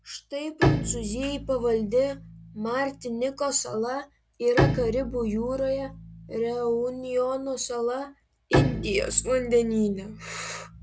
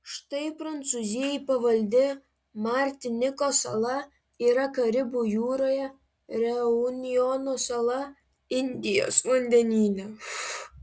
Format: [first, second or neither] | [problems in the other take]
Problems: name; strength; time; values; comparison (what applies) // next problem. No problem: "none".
second | background sound (Bowed string instrument); 4 dB below the speech